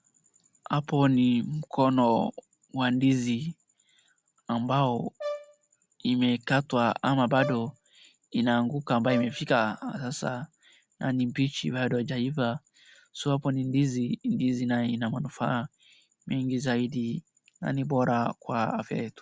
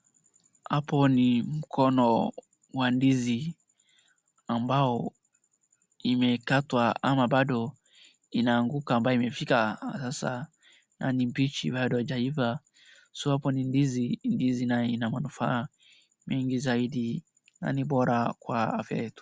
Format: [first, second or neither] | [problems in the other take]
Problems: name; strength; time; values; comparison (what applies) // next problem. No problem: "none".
second | background sound (Brass instrument); 13 dB below the speech